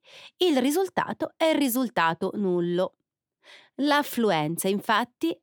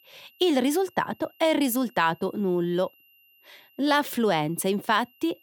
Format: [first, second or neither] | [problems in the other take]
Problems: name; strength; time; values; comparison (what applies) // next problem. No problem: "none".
first | high-pitched whine; faint; throughout; 3 kHz, 30 dB below the speech